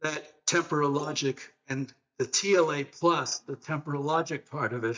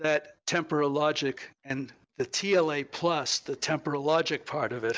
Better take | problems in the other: second | noise reduction (neural mask model DeepFilterNet 3)

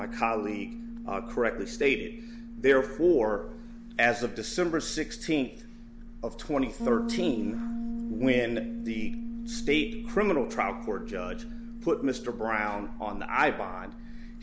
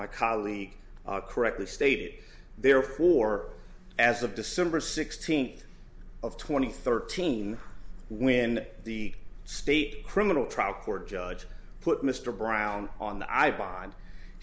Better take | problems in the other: second | background sound (Bass guitar); 9 dB below the speech

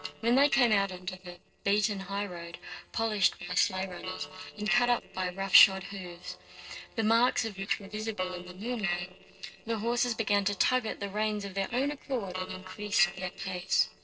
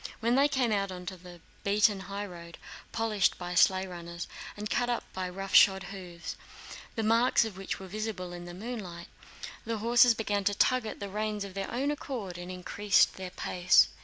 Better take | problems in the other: second | noise reduction (neural separator model SepFormer DNS4)

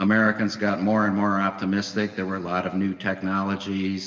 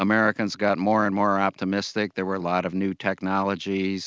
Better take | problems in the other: second | room echo; dies away in 3 s

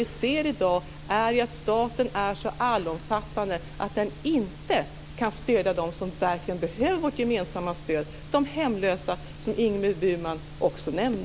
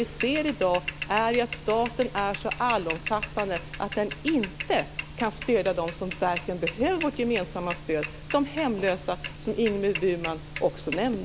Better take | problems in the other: first | background sound (Mechanisms / Bicycle); 11 dB below the speech

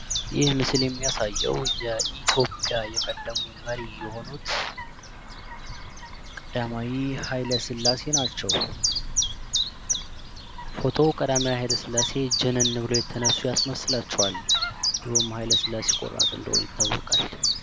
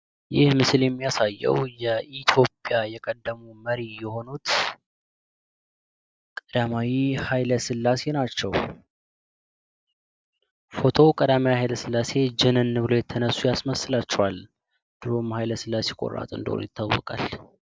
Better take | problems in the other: second | background sound (Chirp, tweet); 1 dB above the speech

